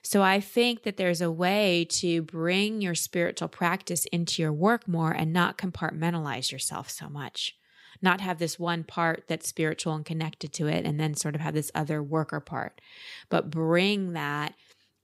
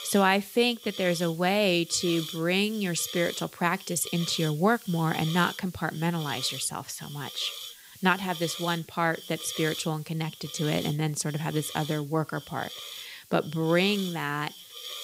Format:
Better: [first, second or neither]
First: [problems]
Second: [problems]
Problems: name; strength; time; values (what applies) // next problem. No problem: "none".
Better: first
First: none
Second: hiss; noticeable; throughout; 10 dB below the speech